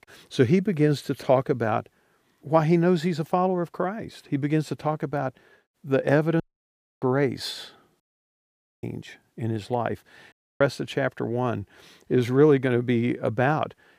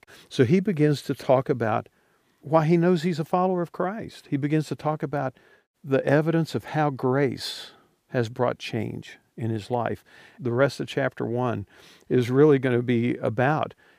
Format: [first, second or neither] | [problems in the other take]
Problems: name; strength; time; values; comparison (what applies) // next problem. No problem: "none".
second | audio cutting out; at 6.5 s for 0.5 s, at 8 s for 1 s and at 10 s